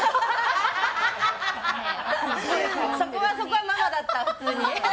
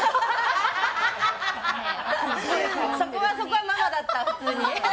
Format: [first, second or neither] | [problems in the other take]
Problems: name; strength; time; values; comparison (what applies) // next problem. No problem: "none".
first | background sound (Bowed string instrument); 19 dB below the speech